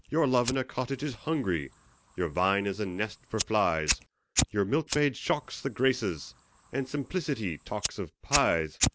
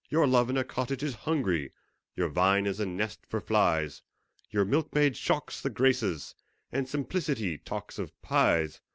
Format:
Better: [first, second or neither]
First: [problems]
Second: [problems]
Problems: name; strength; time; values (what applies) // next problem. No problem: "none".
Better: second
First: background sound (Fire); 7 dB below the speech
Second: none